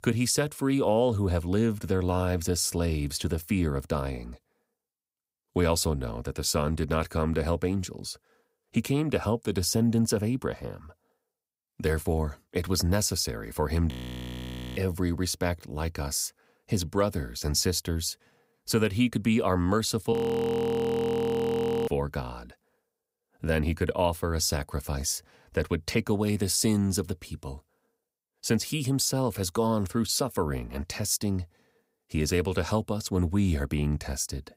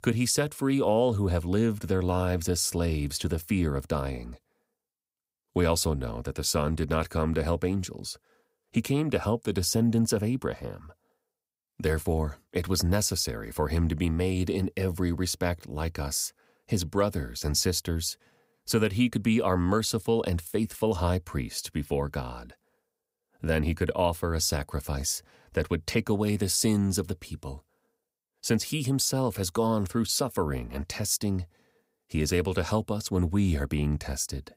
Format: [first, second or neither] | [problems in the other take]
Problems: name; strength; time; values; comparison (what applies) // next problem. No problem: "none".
second | audio freezing; at 14 s for 1 s and at 20 s for 2 s